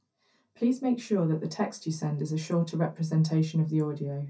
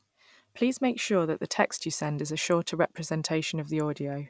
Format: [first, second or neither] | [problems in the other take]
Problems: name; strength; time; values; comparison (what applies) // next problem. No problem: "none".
second | room echo; dies away in 0.3 s